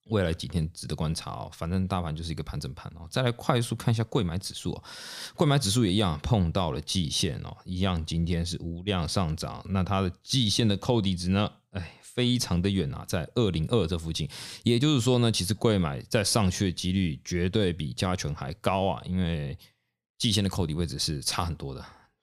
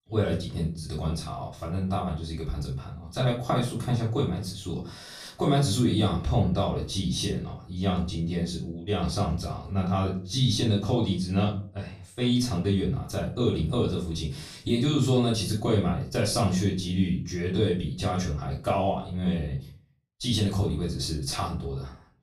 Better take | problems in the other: first | off-mic speech; far // room echo; slight; dies away in 0.4 s

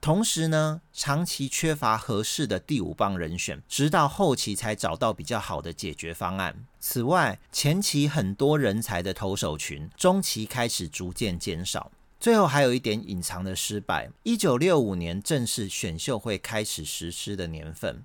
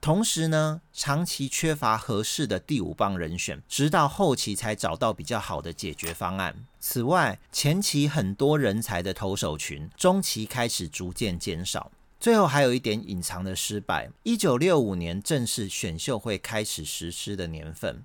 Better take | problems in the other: first | keyboard typing; faint; at 6 s; peak 10 dB below the speech

